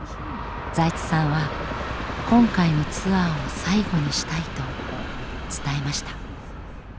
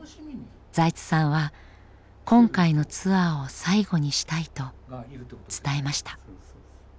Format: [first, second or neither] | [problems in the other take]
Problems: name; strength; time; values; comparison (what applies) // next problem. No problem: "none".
second | background sound (Train); 5 dB below the speech